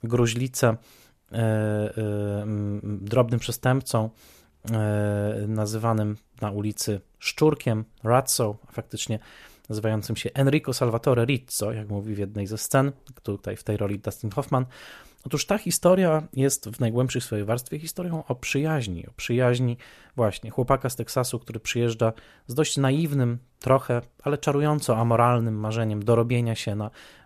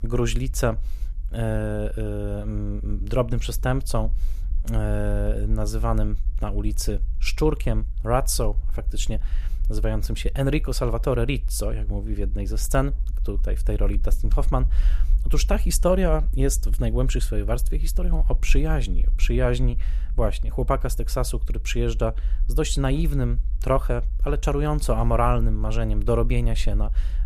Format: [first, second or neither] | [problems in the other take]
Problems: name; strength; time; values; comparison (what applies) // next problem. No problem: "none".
first | low rumble; faint; throughout; 25 dB below the speech